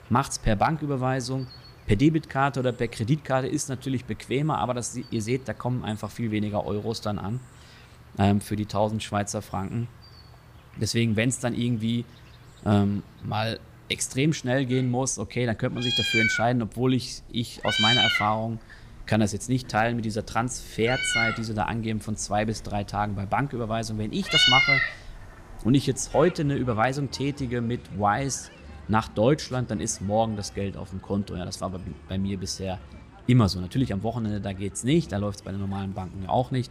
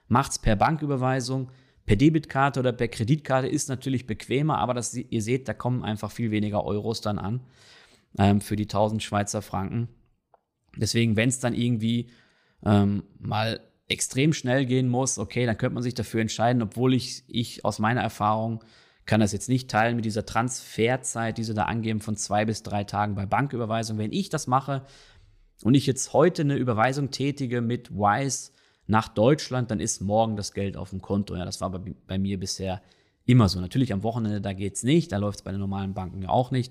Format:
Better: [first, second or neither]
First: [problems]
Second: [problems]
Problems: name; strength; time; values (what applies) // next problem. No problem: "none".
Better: second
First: animal sounds; very loud; throughout; 4 dB above the speech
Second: none